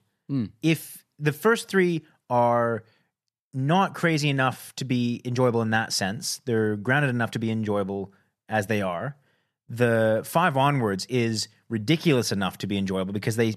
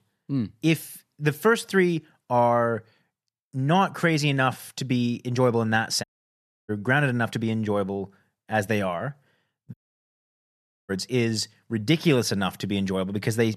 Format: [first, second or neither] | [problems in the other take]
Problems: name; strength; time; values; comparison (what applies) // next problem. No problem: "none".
first | audio cutting out; at 6 s for 0.5 s and at 9.5 s for 1 s